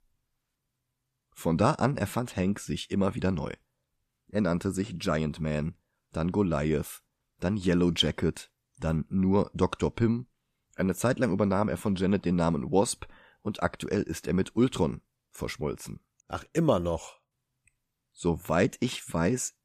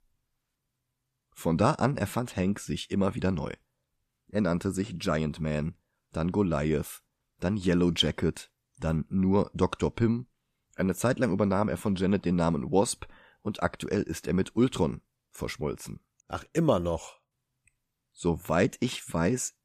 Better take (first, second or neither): neither